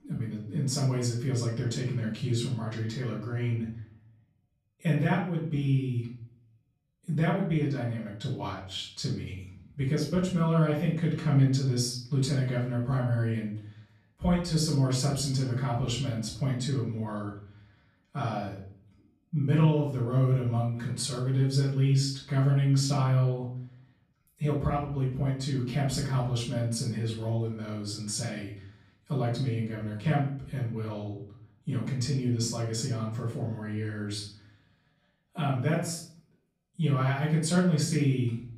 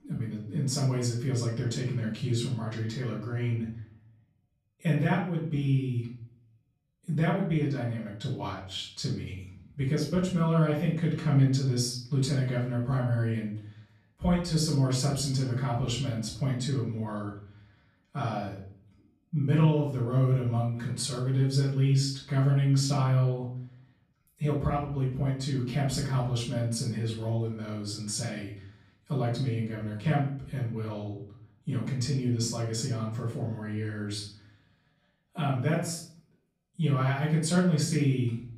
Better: neither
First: off-mic speech; far // room echo; noticeable; dies away in 0.5 s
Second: off-mic speech; far // room echo; noticeable; dies away in 0.5 s

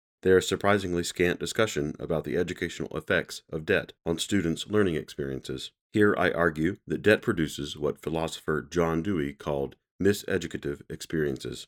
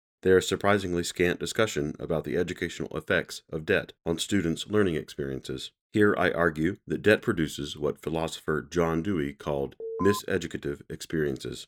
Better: first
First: none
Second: alarm; noticeable; at 10 s; peak 7 dB below the speech

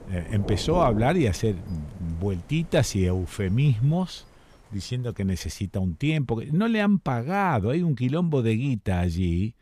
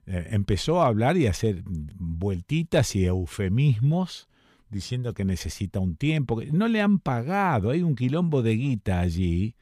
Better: second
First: rain or running water; noticeable; throughout; 15 dB below the speech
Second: none

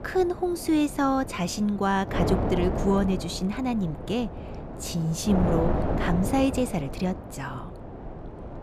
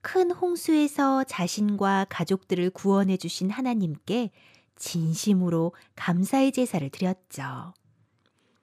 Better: second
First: wind noise on the microphone; heavy; 6 dB below the speech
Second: none

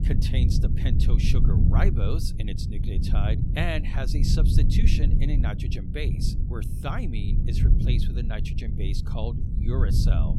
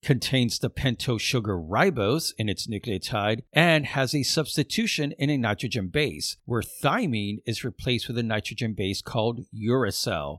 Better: second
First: low rumble; loud; throughout; 3 dB below the speech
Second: none

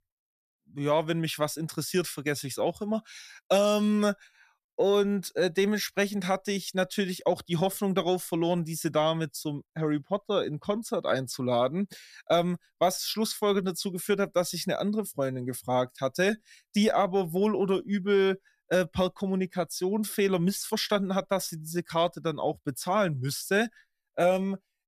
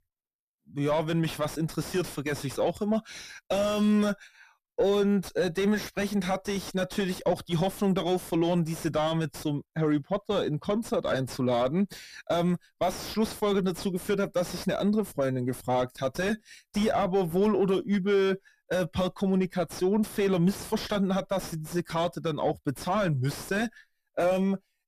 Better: first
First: none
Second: distortion; heavy; 7 dB below the speech

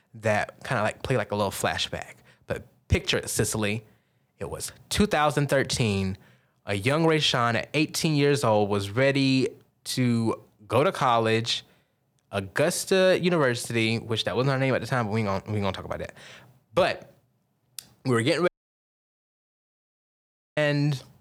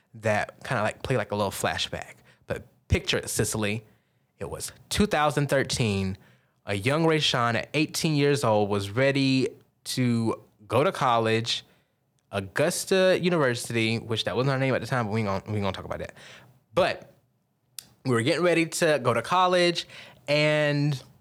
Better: second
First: audio cutting out; at 18 s for 2 s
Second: none

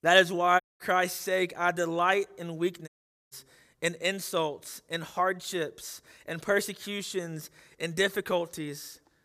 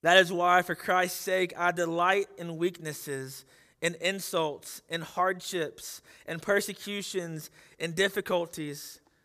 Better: second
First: audio cutting out; at 0.5 s and at 3 s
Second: none

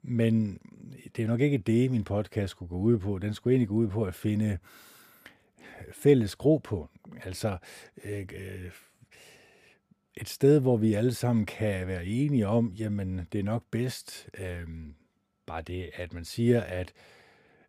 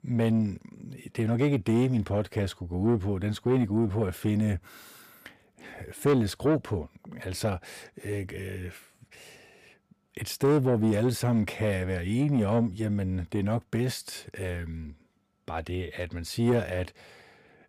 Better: first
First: none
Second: distortion; slight; 10 dB below the speech

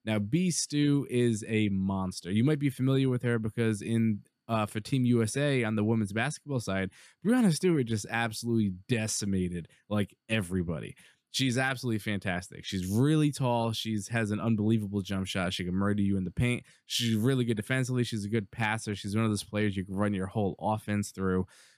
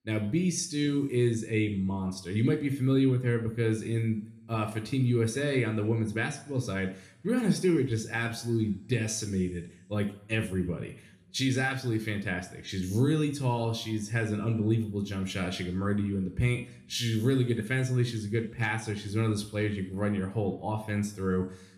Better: first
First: none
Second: room echo; slight; dies away in 0.6 s

